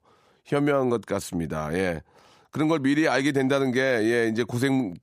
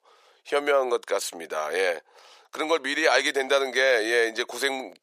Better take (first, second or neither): first